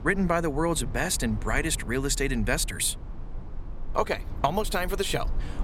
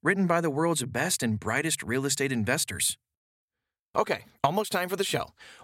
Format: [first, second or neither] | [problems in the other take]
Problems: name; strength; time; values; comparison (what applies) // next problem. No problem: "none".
second | low rumble; faint; throughout; 20 dB below the speech